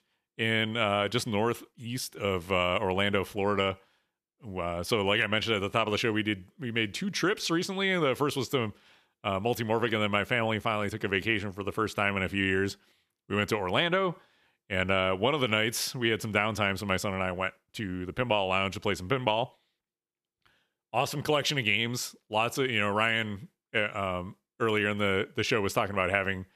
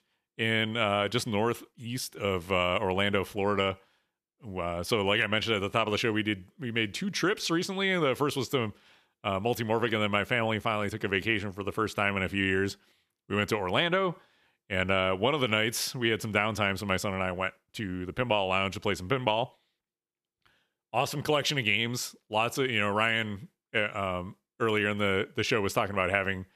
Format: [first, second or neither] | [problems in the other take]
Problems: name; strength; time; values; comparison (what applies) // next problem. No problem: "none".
neither | none